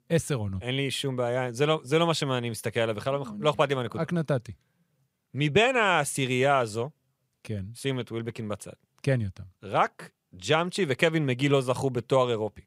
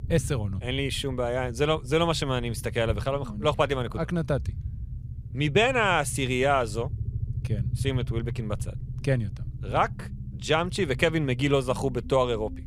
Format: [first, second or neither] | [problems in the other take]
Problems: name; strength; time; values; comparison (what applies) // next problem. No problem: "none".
first | low rumble; faint; throughout; 20 dB below the speech